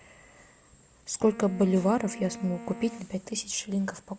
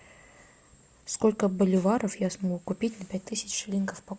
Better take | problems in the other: second | background sound (Wind instrument, woodwind instrument); 16 dB below the speech

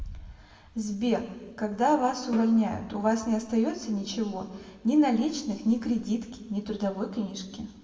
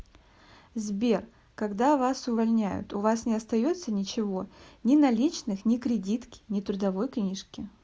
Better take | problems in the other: second | background sound (Snare drum); 18 dB below the speech // room echo; dies away in 1.2 s

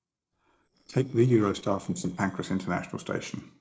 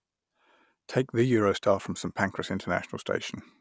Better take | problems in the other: second | noise reduction (neural separator model SepFormer DNS4)

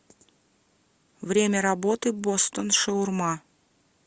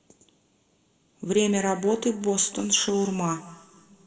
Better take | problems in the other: first | room echo; dies away in 1.4 s

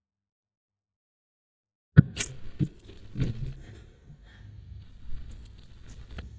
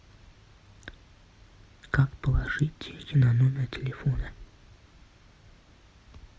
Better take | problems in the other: second | noise reduction (neural mask model DeepFilterNet 3)

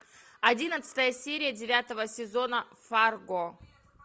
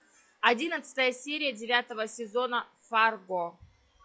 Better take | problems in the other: first | noise reduction (classical method log-MMSE)

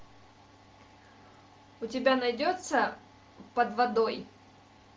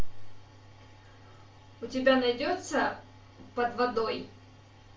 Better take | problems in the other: first | room echo; dies away in 0.3 s

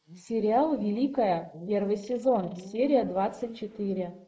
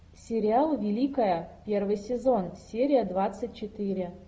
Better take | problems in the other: second | noise reduction (neural mask model Resemble Enhance denoiser)

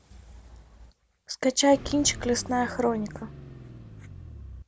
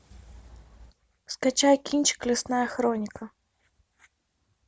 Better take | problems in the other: second | background sound (Car); 12 dB below the speech

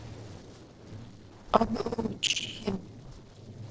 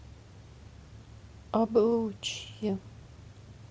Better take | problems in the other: second | noise reduction (neural separator model SepFormer DNS4)

